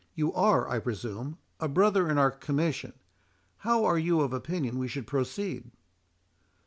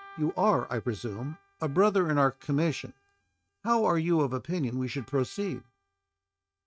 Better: first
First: none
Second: noise reduction (neural mask model RNNoise)

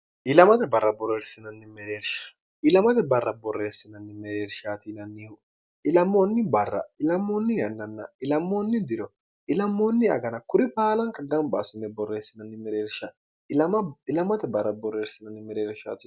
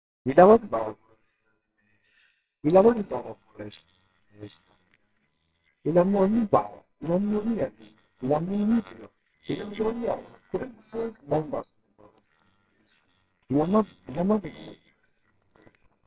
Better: first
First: none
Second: noise reduction (neural separator model SepFormer WHAMR!)

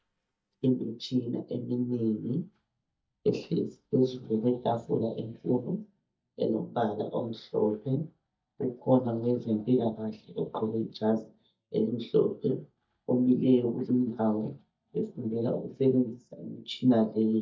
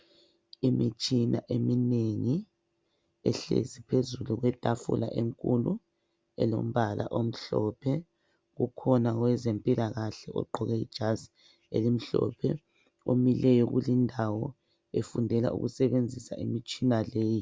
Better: second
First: noise reduction (neural mask model DeepFilterNet 3)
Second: none

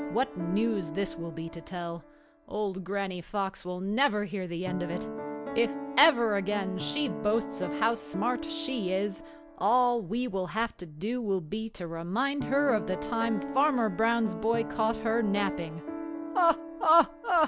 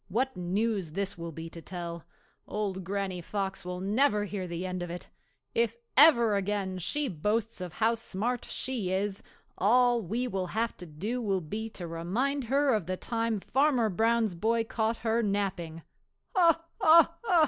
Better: second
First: background sound (Piano); 10 dB below the speech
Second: none

